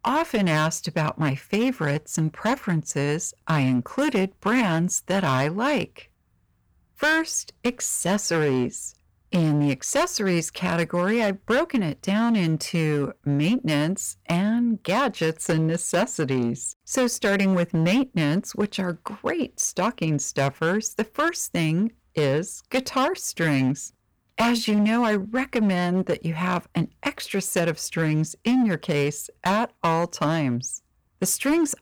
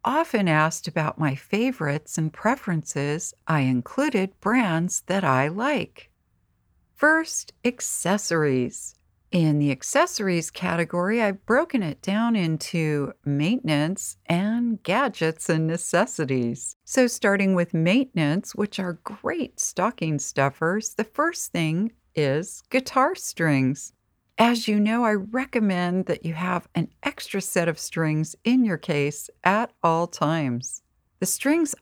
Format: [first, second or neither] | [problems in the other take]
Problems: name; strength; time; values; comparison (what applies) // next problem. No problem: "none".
second | distortion; slight; 9% of the sound clipped